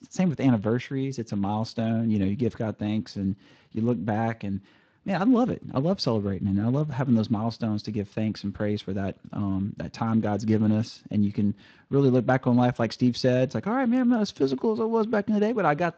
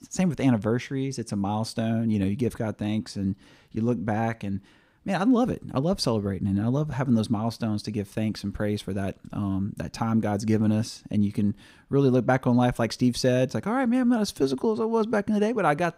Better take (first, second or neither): second